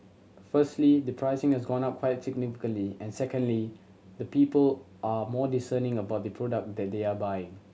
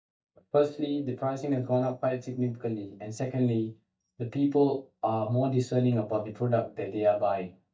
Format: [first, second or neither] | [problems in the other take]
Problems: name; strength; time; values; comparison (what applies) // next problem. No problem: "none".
first | noise reduction (neural mask model DeepFilterNet 3)